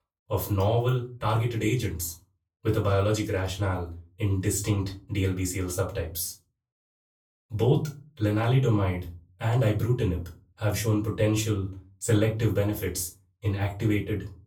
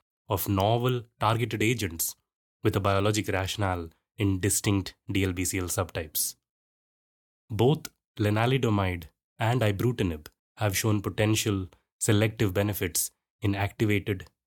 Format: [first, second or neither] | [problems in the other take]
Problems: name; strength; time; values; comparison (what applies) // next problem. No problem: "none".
second | off-mic speech; far // room echo; very slight; dies away in 0.3 s